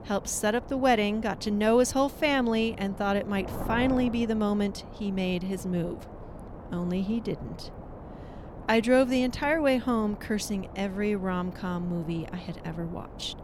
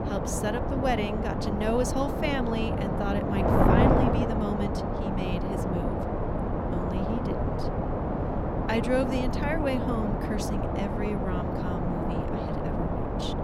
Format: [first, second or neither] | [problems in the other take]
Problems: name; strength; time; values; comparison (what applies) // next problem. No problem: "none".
first | wind noise on the microphone; heavy; 2 dB above the speech; occasional gusts in the first